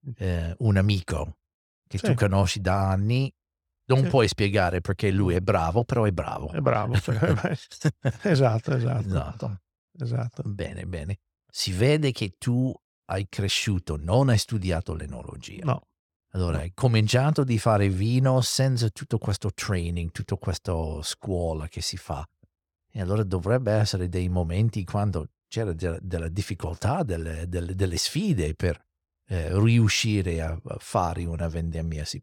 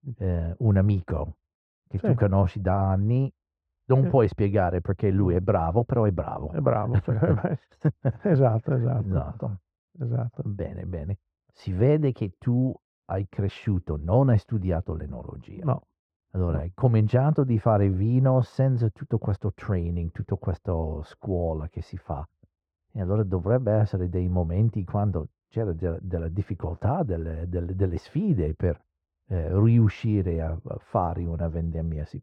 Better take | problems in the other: first | muffled; very; fading above 2.5 kHz

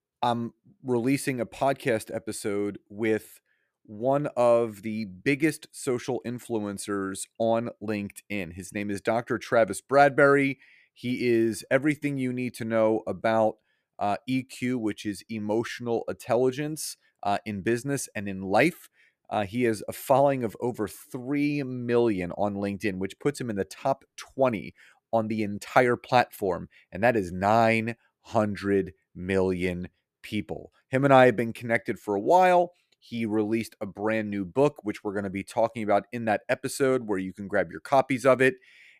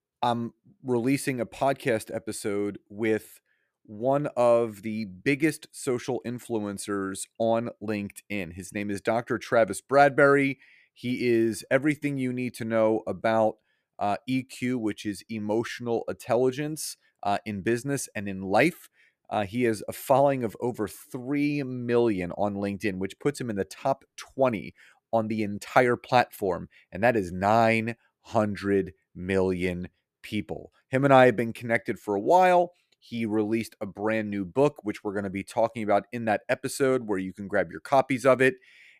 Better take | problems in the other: neither | none

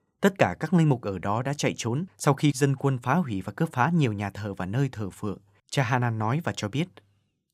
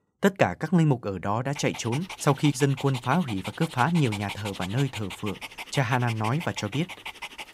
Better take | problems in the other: first | dog barking; noticeable; from 1.5 s on; peak 9 dB below the speech

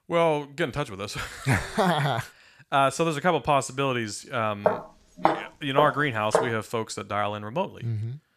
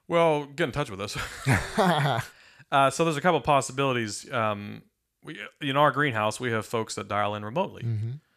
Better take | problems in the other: second | footsteps; loud; from 4.5 to 6.5 s; peak level with the speech

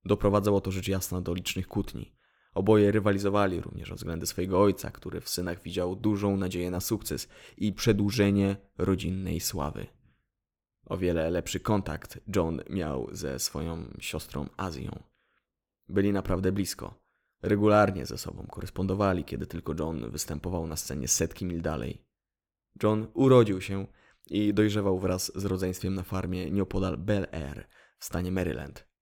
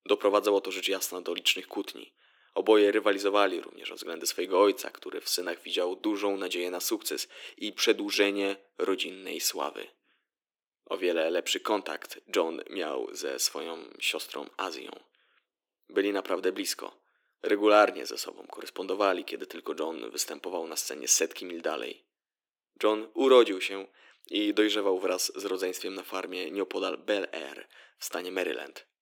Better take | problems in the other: first | thin; somewhat; fading below 300 Hz

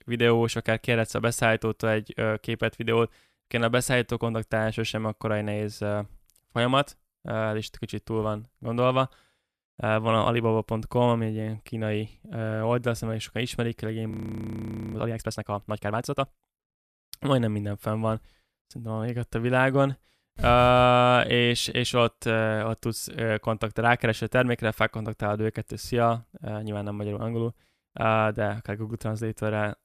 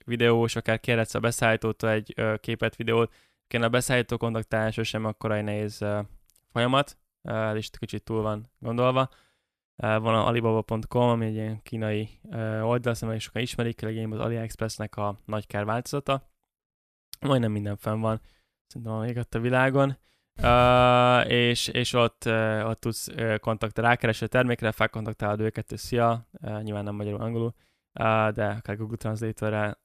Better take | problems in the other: second | audio freezing; at 14 s for 1 s

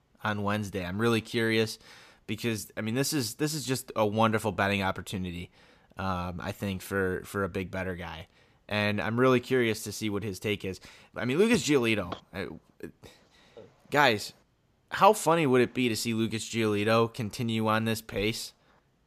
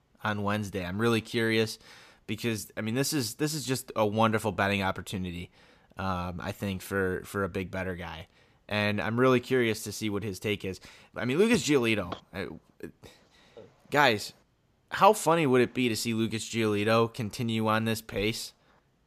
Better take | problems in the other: neither | none

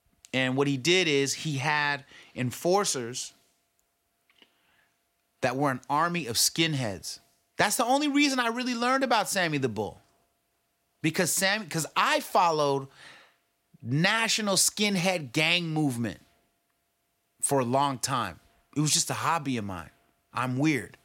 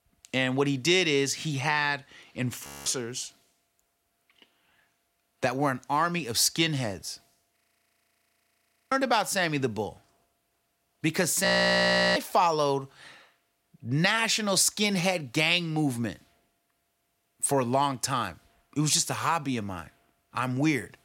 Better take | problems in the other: first | audio freezing; at 2.5 s, at 7.5 s for 1.5 s and at 11 s for 0.5 s

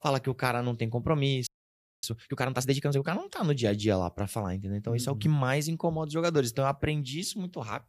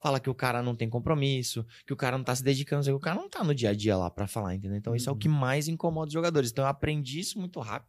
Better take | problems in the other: second | audio freezing; at 1.5 s for 0.5 s

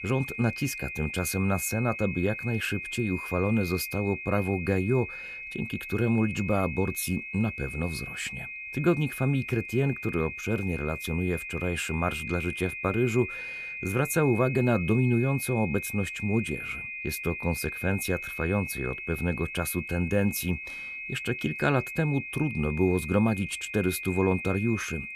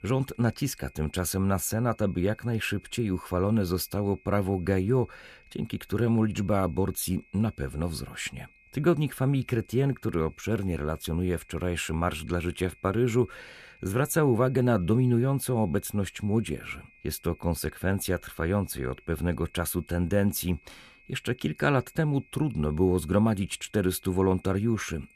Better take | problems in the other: second | high-pitched whine; loud; throughout; 2.5 kHz, 7 dB below the speech; faint in the second

